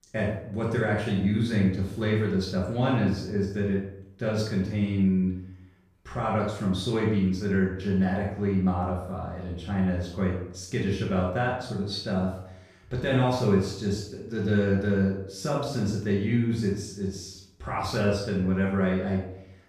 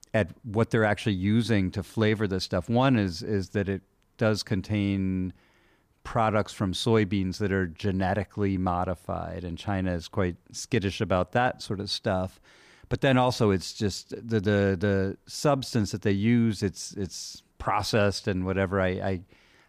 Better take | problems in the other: second | off-mic speech; far // room echo; noticeable; dies away in 0.6 s

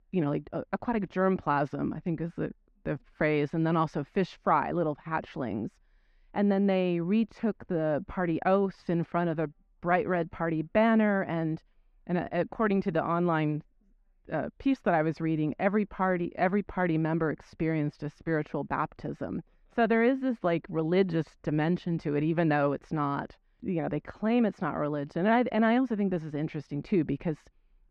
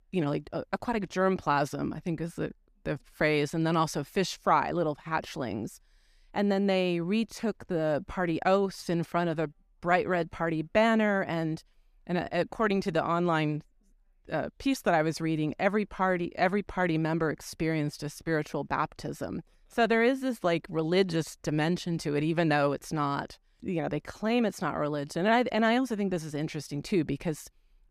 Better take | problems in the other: second | muffled; slightly; fading above 2.5 kHz

